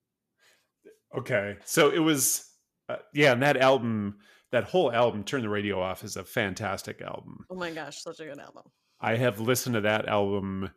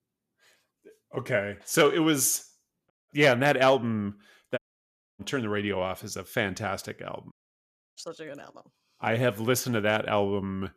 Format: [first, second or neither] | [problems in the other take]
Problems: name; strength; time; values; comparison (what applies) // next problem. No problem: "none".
first | audio cutting out; at 3 s, at 4.5 s for 0.5 s and at 7.5 s for 0.5 s